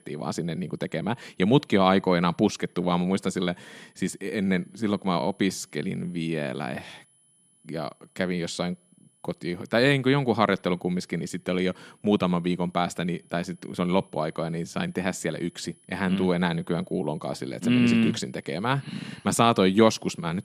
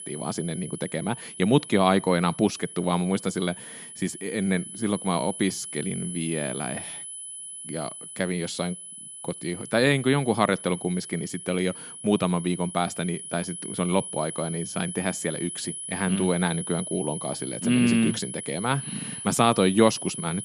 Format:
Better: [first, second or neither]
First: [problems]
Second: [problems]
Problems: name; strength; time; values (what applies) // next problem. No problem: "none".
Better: first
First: high-pitched whine; faint; throughout; 10 kHz, 35 dB below the speech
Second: high-pitched whine; loud; throughout; 10 kHz, 9 dB below the speech